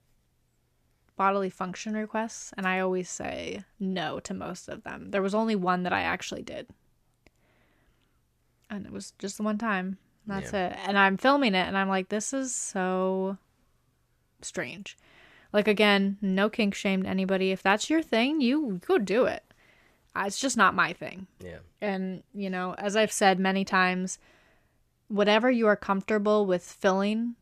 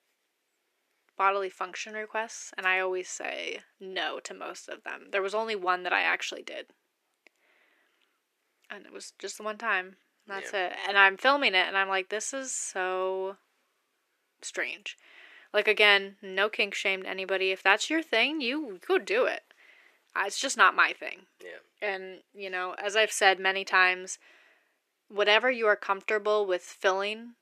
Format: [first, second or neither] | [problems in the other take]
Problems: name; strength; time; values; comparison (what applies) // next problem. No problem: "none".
first | thin; very; fading below 350 Hz